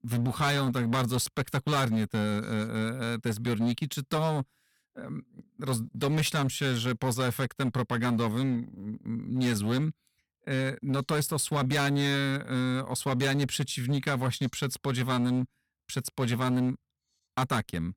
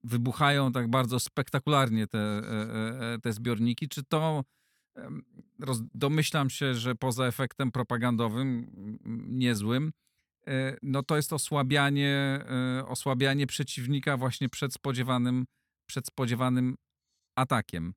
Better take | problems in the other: second | distortion; slight; 11% of the sound clipped

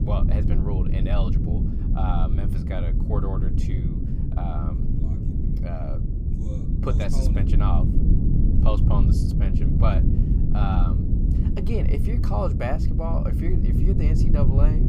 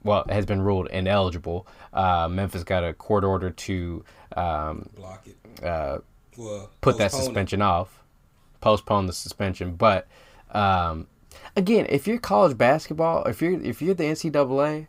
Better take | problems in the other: second | low rumble; loud; throughout; 2 dB below the speech

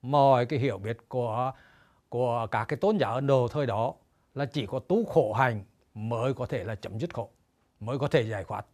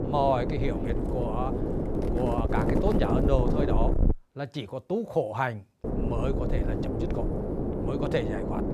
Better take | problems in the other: first | wind noise on the microphone; heavy; until 4 s and from 6 s on; 2 dB below the speech

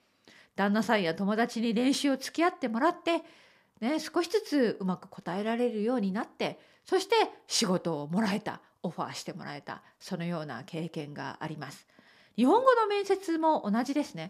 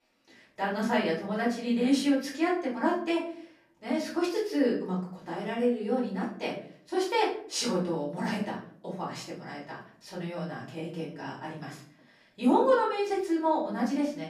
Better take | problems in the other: first | off-mic speech; far // room echo; slight; dies away in 0.4 s

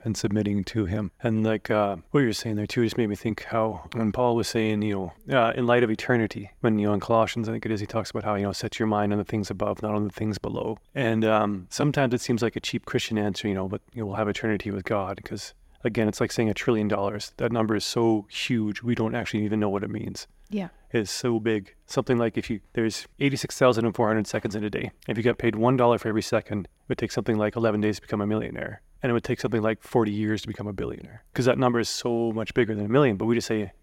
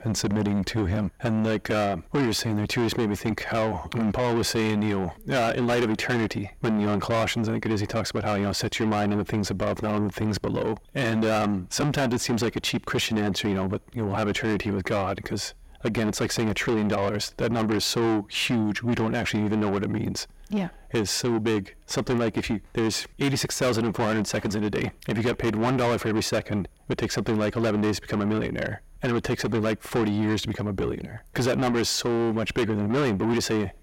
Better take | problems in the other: first | distortion; heavy; 6 dB below the speech

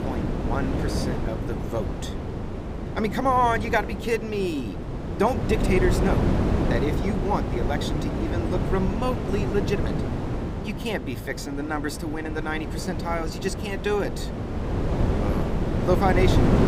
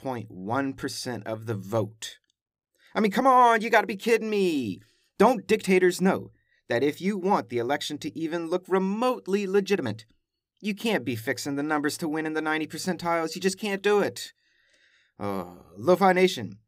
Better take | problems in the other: second | wind noise on the microphone; heavy; 5 dB below the speech

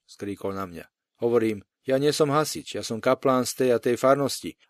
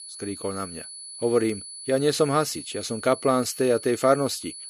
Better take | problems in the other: first | high-pitched whine; noticeable; throughout; 10 kHz, 10 dB below the speech

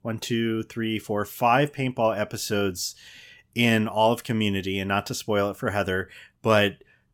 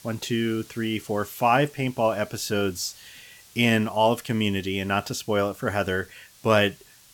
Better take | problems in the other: first | hiss; faint; throughout; 25 dB below the speech

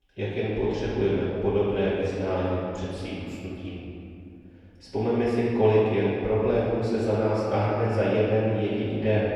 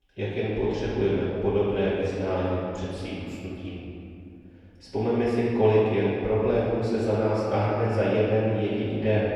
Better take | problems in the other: neither | off-mic speech; far; the same in both // room echo; strong; dies away in 2.3 s; the same in both

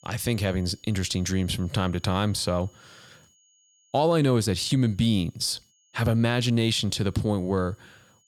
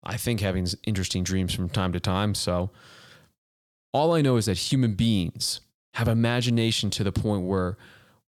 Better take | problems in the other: second | high-pitched whine; faint; throughout; 6.5 kHz, 35 dB below the speech

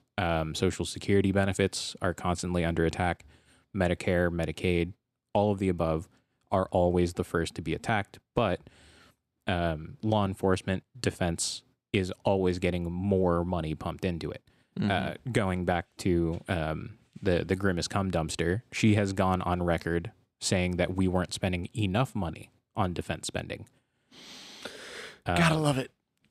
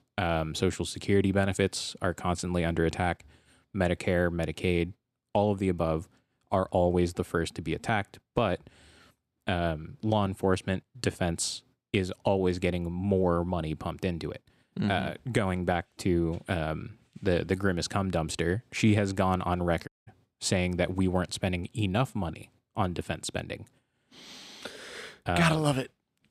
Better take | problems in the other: first | audio cutting out; at 20 s

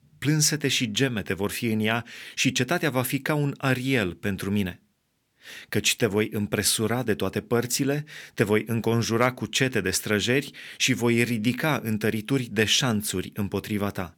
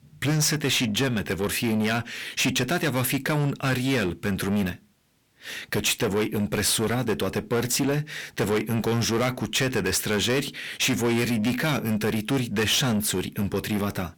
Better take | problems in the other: first | distortion; heavy; 7 dB below the speech

